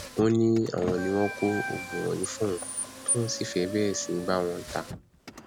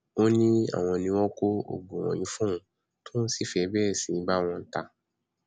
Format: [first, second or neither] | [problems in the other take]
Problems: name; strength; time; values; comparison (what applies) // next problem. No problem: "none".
second | background sound (Organ + Car); 8 dB below the speech